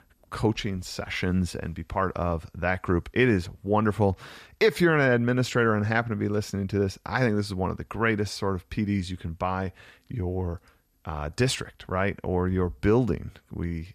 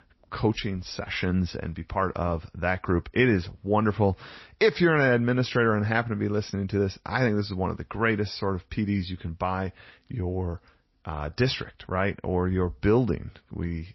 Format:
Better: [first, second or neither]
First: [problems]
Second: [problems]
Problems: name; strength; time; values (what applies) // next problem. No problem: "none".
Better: first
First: none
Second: garbled, watery; slightly; nothing above 5.5 kHz